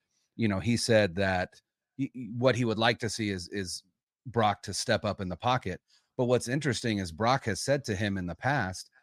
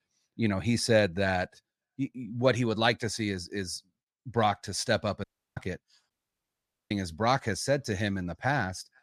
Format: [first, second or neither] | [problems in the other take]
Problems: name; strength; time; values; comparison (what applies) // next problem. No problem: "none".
first | audio cutting out; at 5 s and at 6 s for 1 s